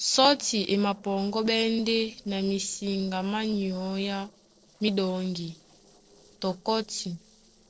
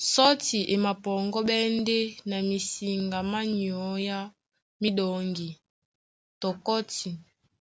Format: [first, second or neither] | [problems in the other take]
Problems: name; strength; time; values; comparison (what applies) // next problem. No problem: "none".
second | noise reduction (neural separator model SepFormer DNS4)